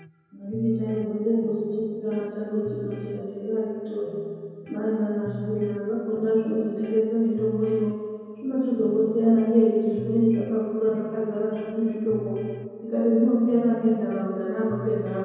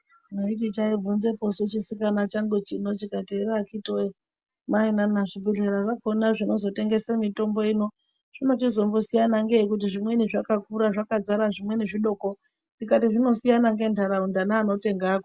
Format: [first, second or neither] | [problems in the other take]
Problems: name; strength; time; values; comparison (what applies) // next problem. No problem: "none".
second | background sound (Electric guitar); 17 dB below the speech // room echo; dies away in 2.2 s